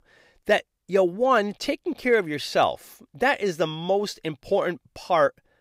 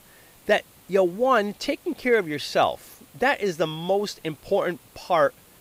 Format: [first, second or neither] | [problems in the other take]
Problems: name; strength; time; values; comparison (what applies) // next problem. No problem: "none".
first | hiss; faint; throughout; 25 dB below the speech